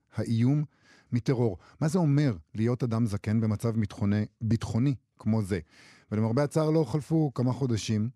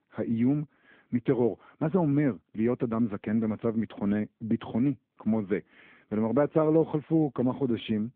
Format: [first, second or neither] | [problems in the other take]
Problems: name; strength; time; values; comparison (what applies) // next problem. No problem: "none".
first | phone-call audio; nothing above 8 kHz